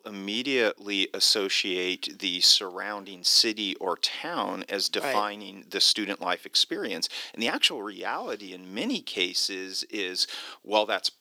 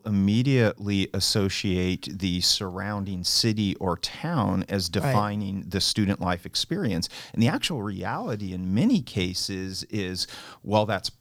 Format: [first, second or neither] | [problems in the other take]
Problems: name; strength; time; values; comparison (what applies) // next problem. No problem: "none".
second | thin; somewhat; fading below 300 Hz